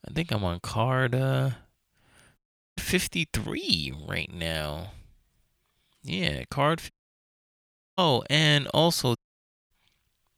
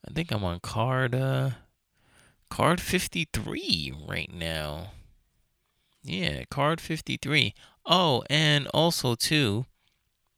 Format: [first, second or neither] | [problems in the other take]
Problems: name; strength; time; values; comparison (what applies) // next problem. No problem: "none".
second | audio cutting out; at 2.5 s, at 7 s for 1 s and at 9 s for 0.5 s